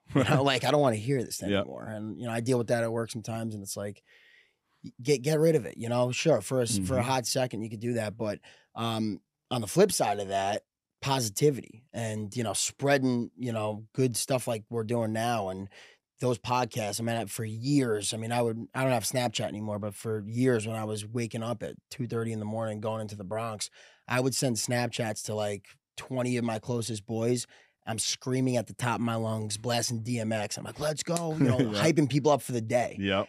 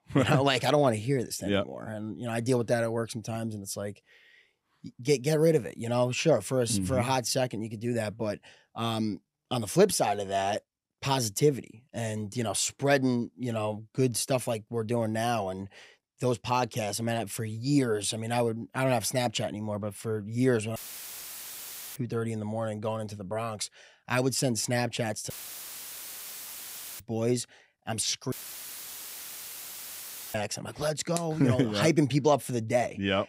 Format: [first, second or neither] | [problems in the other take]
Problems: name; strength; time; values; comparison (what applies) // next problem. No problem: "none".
first | audio cutting out; filled with static; at 21 s for 1 s, at 25 s for 1.5 s and at 28 s for 2 s